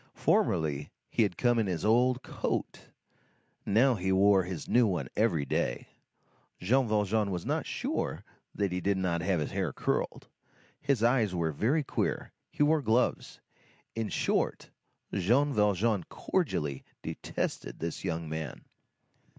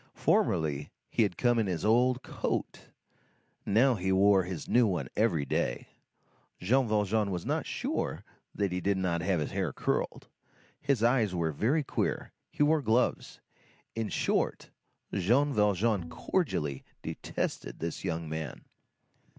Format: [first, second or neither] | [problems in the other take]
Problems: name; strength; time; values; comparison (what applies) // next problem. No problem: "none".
first | background sound (Bowed string instrument); 18 dB below the speech